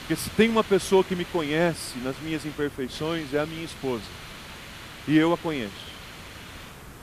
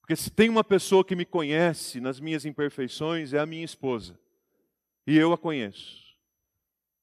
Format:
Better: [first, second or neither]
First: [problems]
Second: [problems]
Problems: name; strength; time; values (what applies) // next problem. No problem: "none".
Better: second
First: hiss; noticeable; throughout; 15 dB below the speech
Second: none